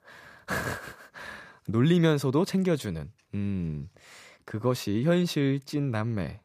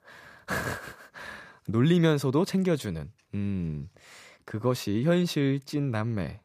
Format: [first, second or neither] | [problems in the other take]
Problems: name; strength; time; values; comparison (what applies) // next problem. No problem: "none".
neither | none